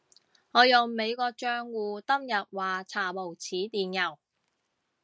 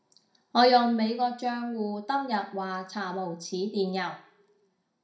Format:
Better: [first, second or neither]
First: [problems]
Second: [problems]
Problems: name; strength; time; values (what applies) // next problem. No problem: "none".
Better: first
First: none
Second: room echo; dies away in 0.4 s